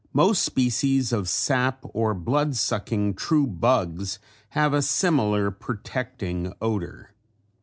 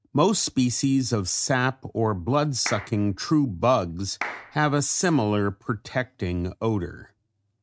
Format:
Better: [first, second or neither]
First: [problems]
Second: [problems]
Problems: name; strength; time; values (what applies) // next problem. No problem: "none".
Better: first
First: none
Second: noise reduction (neural mask model RNNoise)